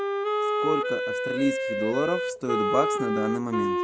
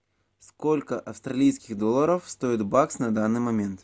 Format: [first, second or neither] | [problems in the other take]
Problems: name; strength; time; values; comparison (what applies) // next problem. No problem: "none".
second | background sound (Wind instrument, woodwind instrument); 2 dB above the speech